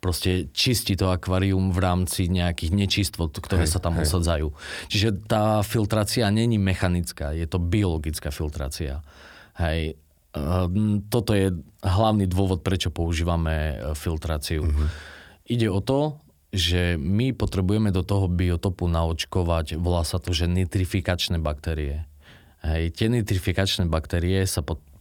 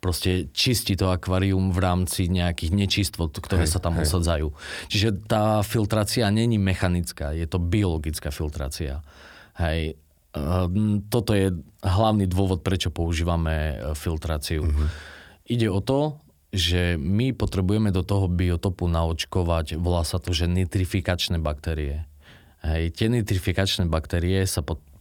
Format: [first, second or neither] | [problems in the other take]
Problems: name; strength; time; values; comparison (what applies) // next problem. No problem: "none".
neither | none